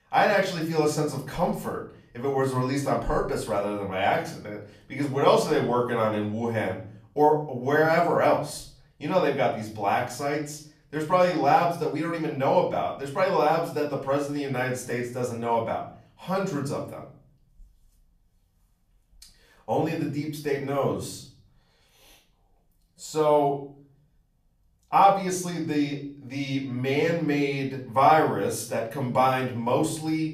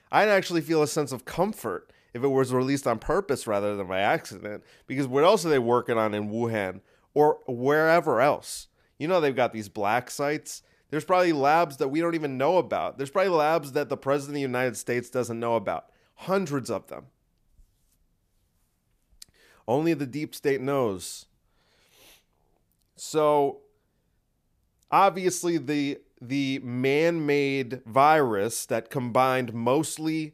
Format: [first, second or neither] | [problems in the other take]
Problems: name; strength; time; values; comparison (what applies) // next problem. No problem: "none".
second | off-mic speech; far // room echo; slight; dies away in 0.5 s